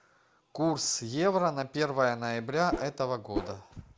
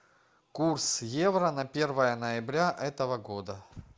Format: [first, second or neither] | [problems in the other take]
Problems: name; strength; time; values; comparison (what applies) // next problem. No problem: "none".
second | background sound (Whoosh, swoosh, swish); 5 dB below the speech